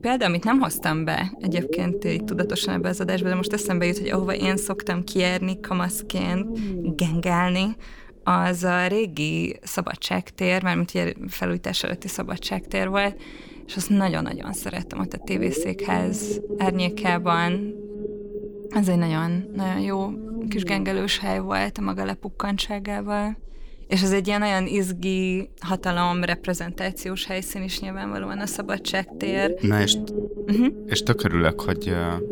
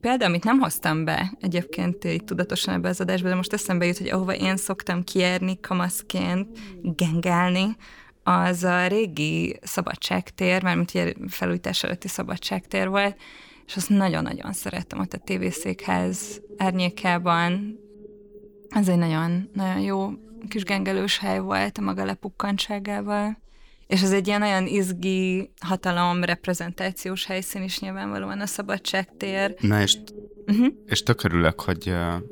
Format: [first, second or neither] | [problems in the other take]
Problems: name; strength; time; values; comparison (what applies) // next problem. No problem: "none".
second | low rumble; loud; throughout; 10 dB below the speech; faint in the second